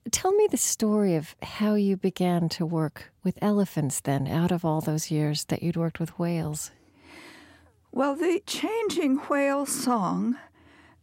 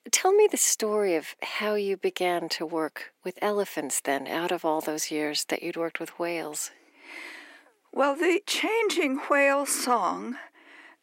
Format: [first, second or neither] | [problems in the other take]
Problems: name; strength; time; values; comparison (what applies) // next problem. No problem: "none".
first | thin; somewhat; fading below 350 Hz